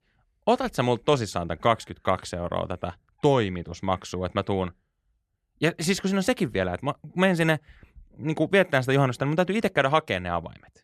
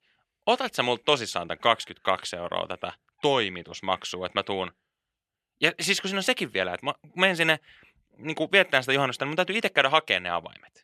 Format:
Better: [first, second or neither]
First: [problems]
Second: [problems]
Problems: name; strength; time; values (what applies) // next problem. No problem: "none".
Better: first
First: none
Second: thin; somewhat; fading below 1 kHz